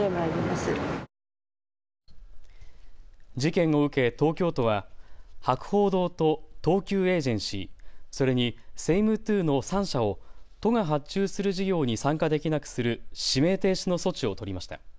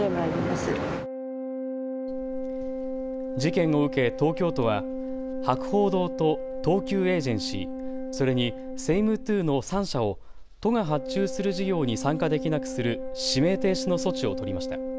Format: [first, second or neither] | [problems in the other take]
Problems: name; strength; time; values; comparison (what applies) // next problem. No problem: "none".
first | background sound (Organ); 7 dB below the speech